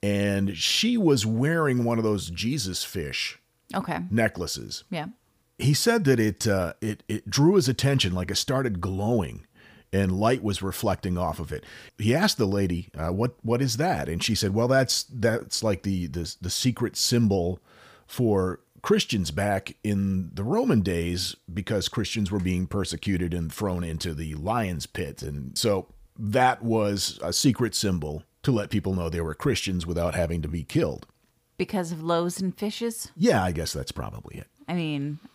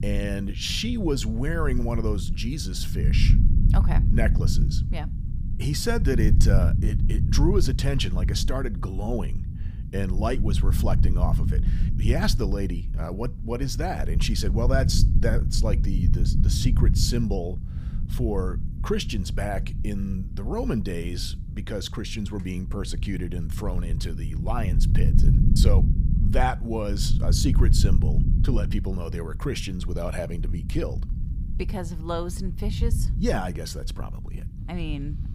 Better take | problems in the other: first | low rumble; loud; throughout; 9 dB below the speech

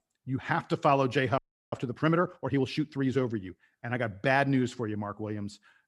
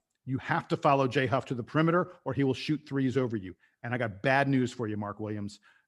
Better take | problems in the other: second | audio freezing; at 1.5 s

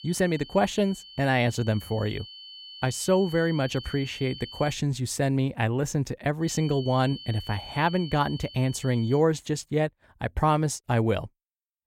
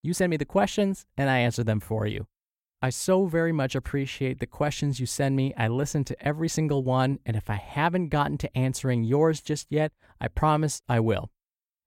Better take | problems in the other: second | high-pitched whine; noticeable; until 4.5 s and from 6.5 to 9 s; 3 kHz, 15 dB below the speech

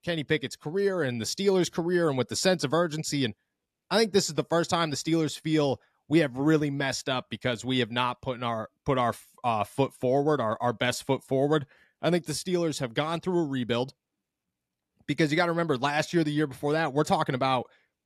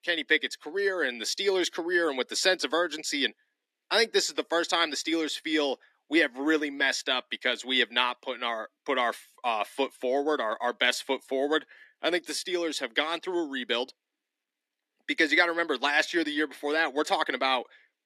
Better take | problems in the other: first | thin; somewhat; fading below 250 Hz

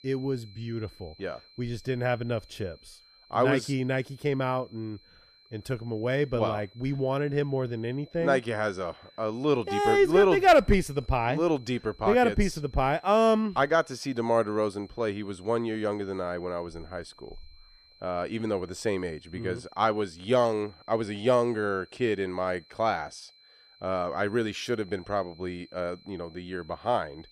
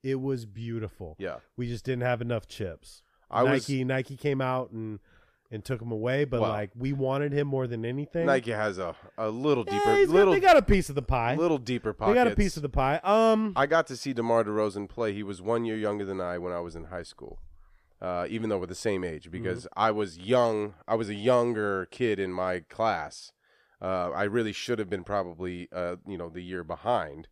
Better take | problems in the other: second | high-pitched whine; faint; throughout; 4 kHz, 30 dB below the speech

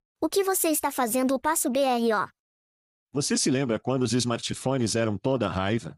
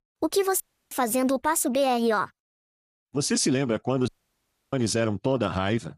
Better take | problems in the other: first | audio cutting out; at 0.5 s and at 4 s for 0.5 s

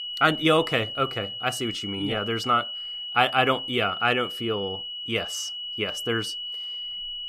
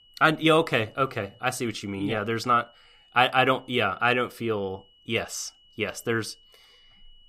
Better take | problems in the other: second | high-pitched whine; loud; throughout; 3 kHz, 6 dB below the speech; faint in the second

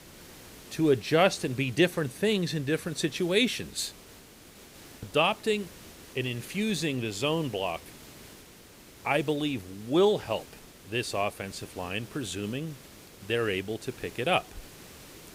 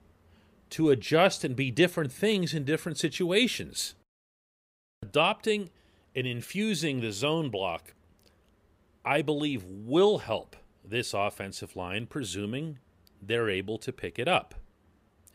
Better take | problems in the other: second | hiss; noticeable; throughout; 20 dB below the speech

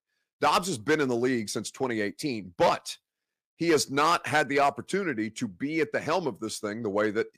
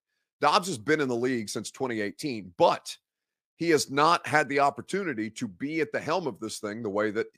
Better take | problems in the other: second | distortion; slight; 2% of the sound clipped

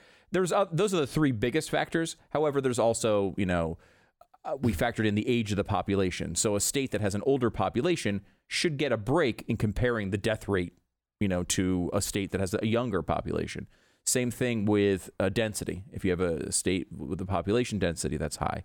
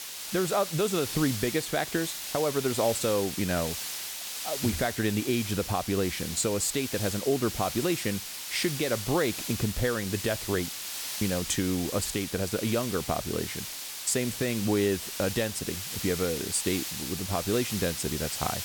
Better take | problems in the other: first | hiss; loud; throughout; 5 dB below the speech

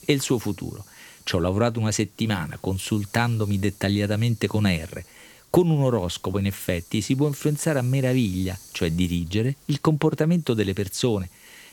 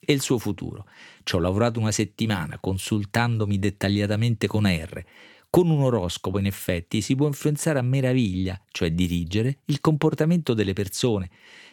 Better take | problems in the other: second | hiss; faint; throughout; 25 dB below the speech

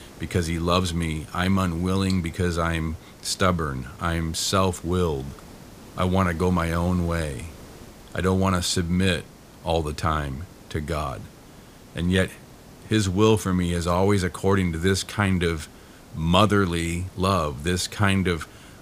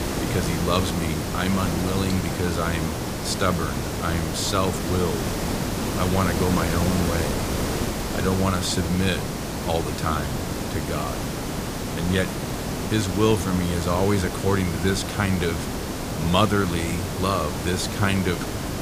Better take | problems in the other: first | hiss; loud; throughout; 2 dB below the speech; faint in the first

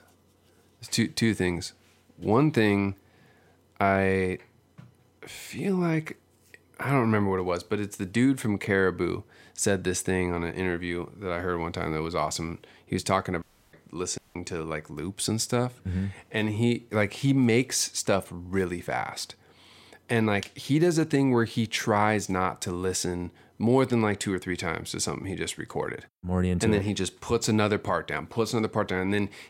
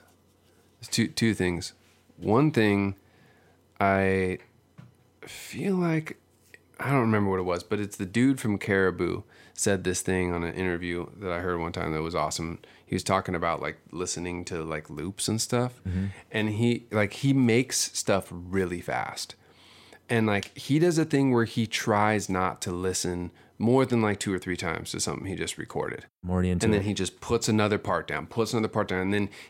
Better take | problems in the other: second | audio cutting out; at 13 s and at 14 s

